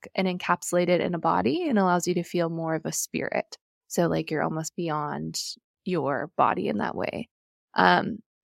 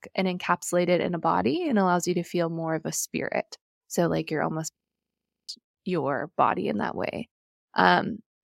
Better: first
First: none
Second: audio freezing; at 5 s for 0.5 s

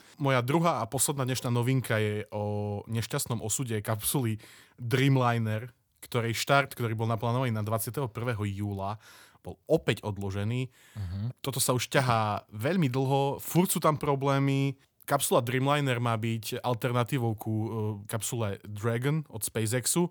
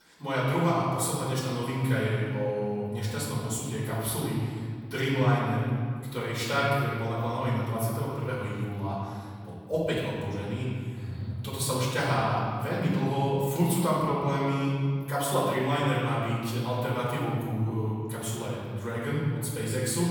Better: first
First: none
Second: off-mic speech; far // room echo; strong; dies away in 1.9 s

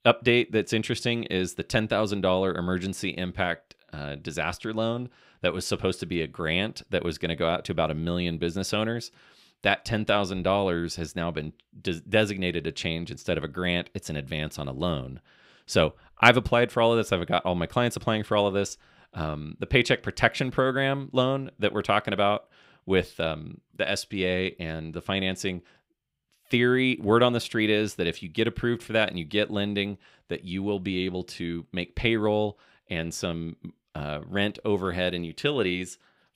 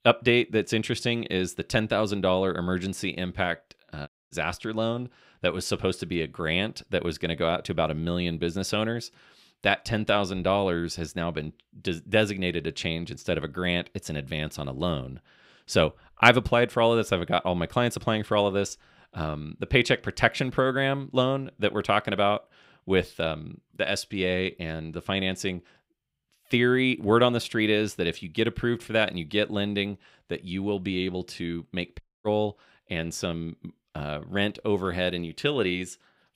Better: first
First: none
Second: audio cutting out; at 4 s and at 32 s

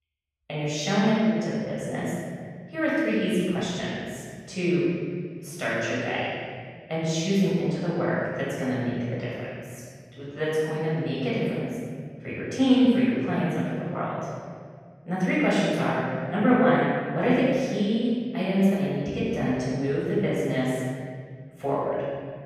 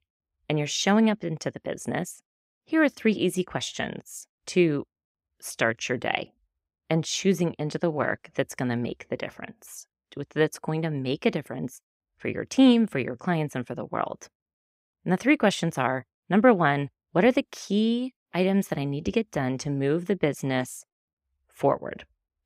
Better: second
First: off-mic speech; far // room echo; strong; dies away in 2.2 s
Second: none

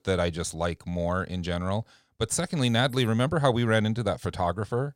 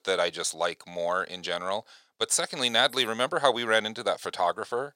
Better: first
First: none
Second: thin; very; fading below 500 Hz

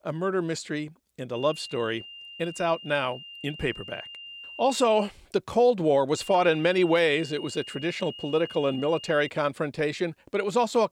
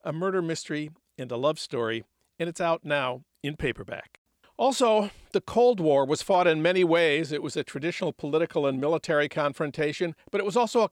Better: second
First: high-pitched whine; noticeable; from 1.5 to 5 s and from 6 to 9.5 s; 3 kHz, 15 dB below the speech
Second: none

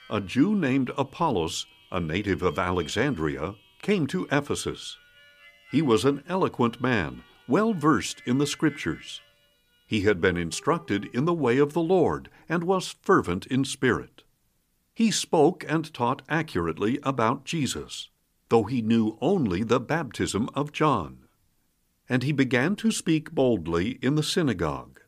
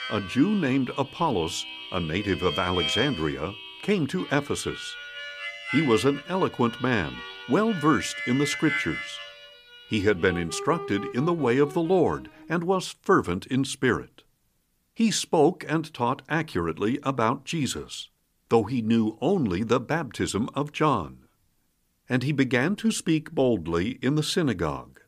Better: first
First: background music; faint; until 12 s; 25 dB below the speech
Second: background music; loud; until 12 s; 9 dB below the speech

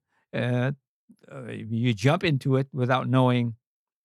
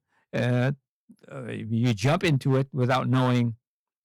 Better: first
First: none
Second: distortion; slight; 5% of the sound clipped

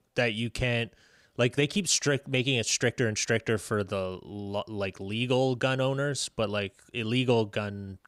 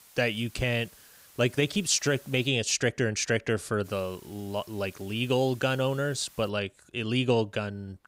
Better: first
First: none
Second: hiss; faint; until 2.5 s and from 4 to 6.5 s; 25 dB below the speech

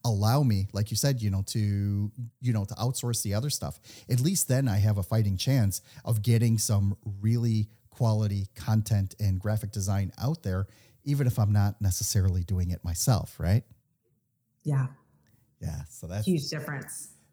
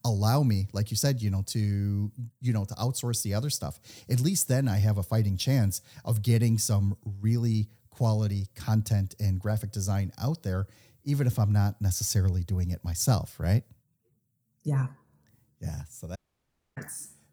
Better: first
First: none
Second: audio cutting out; at 16 s for 0.5 s

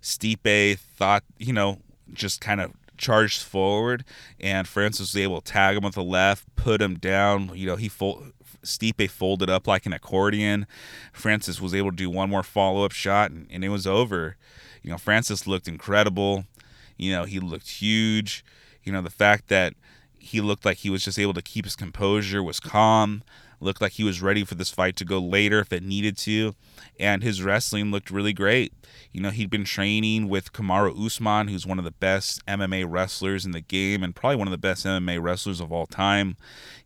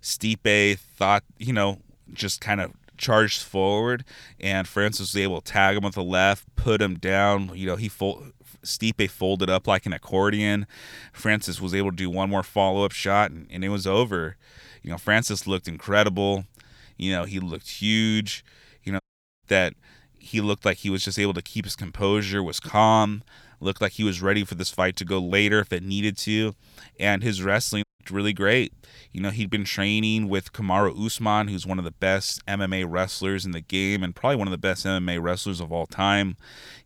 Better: first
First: none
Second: audio cutting out; at 19 s and at 28 s

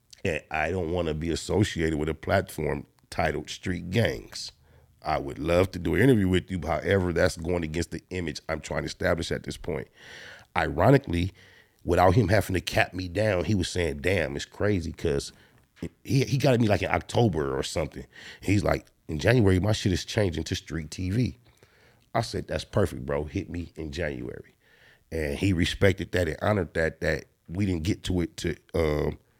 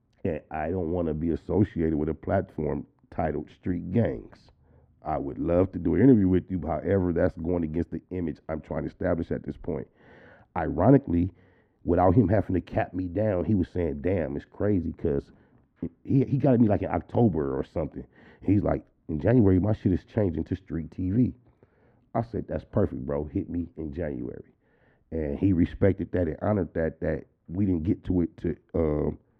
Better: first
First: none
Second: muffled; very; fading above 2.5 kHz

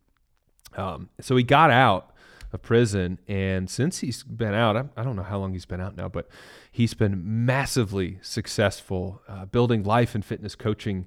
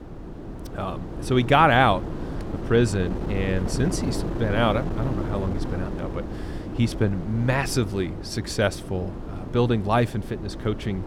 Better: first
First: none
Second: wind noise on the microphone; occasional gusts; 10 dB below the speech

